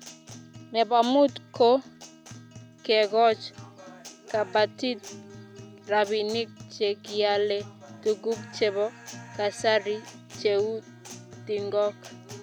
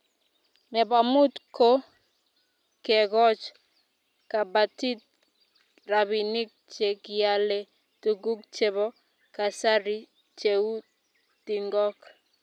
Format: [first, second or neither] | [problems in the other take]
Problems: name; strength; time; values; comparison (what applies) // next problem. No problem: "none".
second | background sound (Guitar); 18 dB below the speech